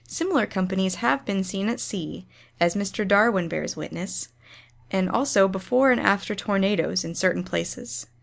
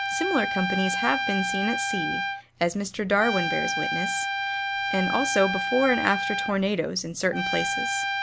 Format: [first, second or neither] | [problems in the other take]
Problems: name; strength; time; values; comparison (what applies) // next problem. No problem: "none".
first | background sound (Trumpet); 1 dB below the speech